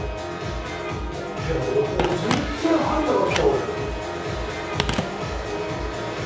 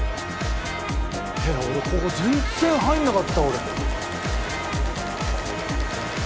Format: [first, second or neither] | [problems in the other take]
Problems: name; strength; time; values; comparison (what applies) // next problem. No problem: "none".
second | background sound (Telephone); 9 dB below the speech // room echo; dies away in 0.6 s